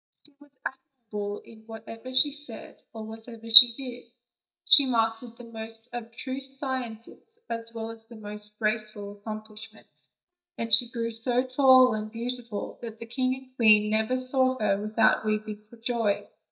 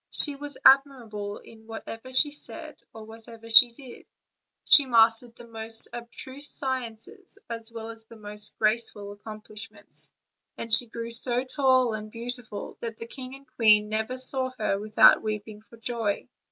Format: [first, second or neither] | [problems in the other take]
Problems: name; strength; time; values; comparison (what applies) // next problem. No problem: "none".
second | noise reduction (neural mask model DeepFilterNet 3)